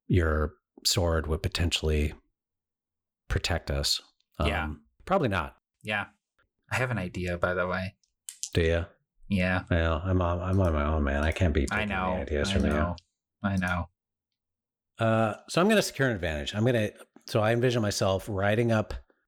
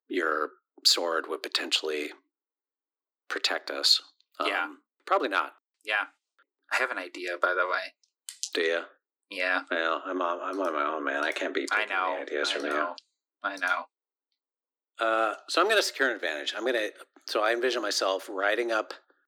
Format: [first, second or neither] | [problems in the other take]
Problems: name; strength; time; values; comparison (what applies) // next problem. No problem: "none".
first | thin; very; fading below 300 Hz